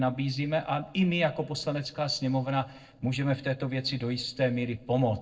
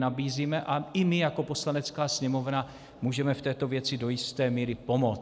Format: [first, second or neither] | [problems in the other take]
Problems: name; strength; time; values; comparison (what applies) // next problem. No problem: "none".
second | noise reduction (neural separator model SepFormer DNS4)